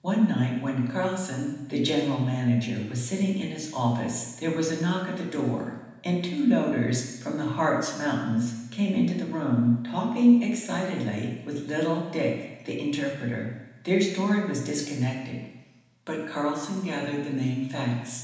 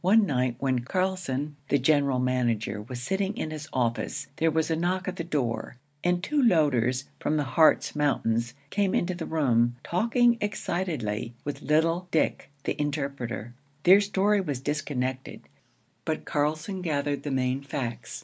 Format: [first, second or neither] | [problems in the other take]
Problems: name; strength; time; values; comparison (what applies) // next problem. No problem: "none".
second | room echo; dies away in 1.1 s